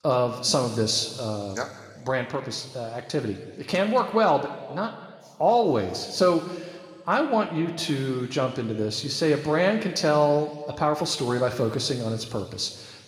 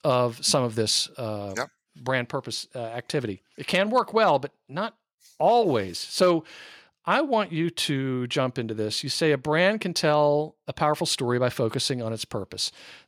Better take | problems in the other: second | room echo; slight; dies away in 1.7 s

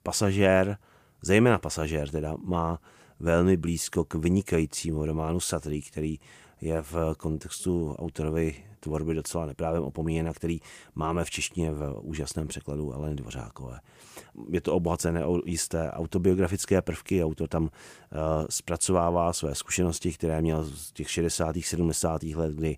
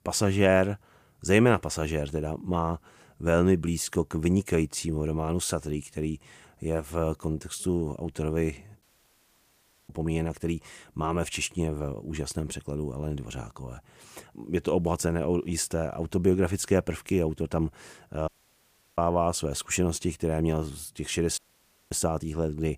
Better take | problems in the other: first | audio cutting out; at 9 s for 1 s, at 18 s for 0.5 s and at 21 s for 0.5 s

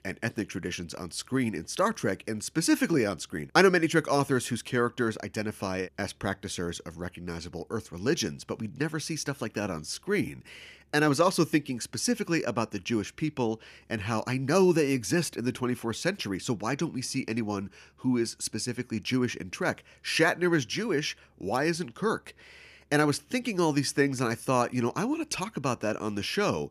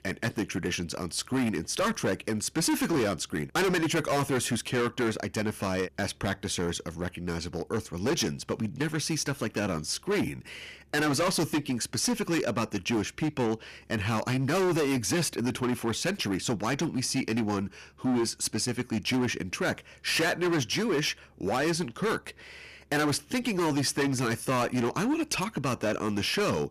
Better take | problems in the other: first | distortion; heavy; 15% of the sound clipped

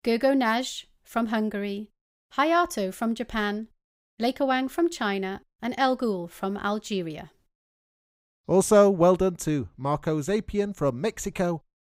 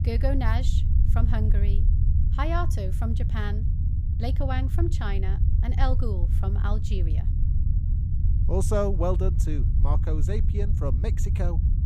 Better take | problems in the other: first | low rumble; loud; throughout; 8 dB below the speech

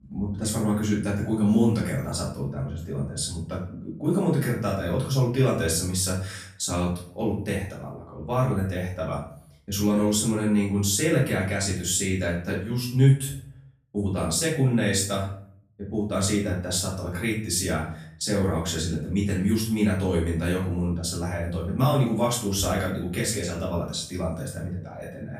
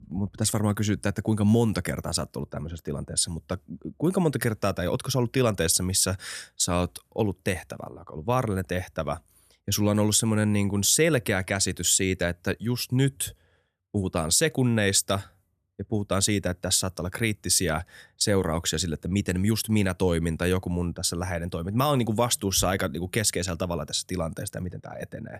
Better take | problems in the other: second | room echo; noticeable; dies away in 0.5 s // off-mic speech; far

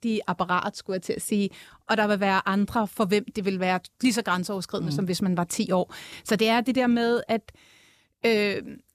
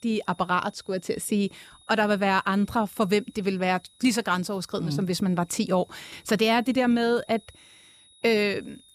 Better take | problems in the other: first | high-pitched whine; faint; throughout; 4 kHz, 30 dB below the speech

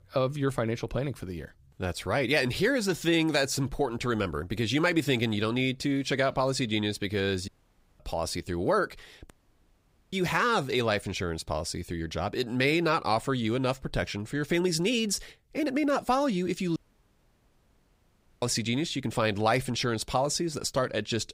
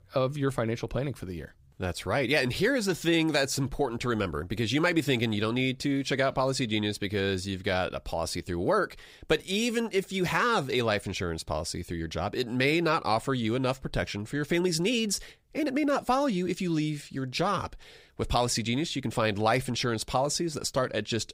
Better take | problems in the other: second | audio cutting out; at 7.5 s for 0.5 s, at 9.5 s for 1 s and at 17 s for 1.5 s

